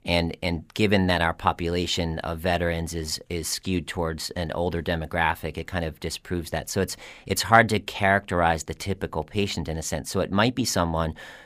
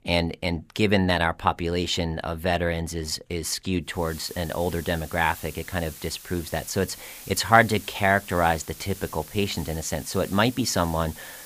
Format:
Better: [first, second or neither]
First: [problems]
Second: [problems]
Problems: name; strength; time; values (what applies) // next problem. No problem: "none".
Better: first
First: none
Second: hiss; noticeable; from 4 s on; 15 dB below the speech